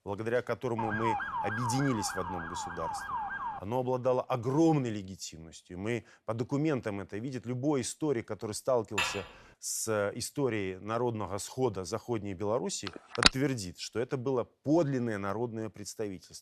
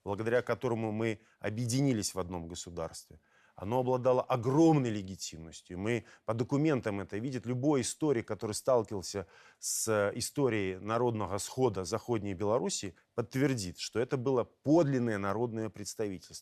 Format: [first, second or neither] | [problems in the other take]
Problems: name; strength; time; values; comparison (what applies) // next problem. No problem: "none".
second | siren; loud; from 1 to 3.5 s; peak 1 dB above the speech // clattering dishes; loud; at 9 s; peak 1 dB above the speech // phone ringing; very faint; at 13 s; peak 8 dB above the speech